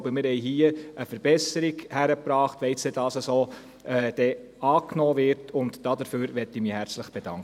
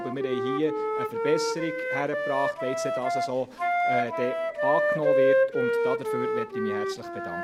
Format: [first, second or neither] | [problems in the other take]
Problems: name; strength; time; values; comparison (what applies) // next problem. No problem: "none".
first | background sound (Wind instrument, woodwind instrument); 4 dB above the speech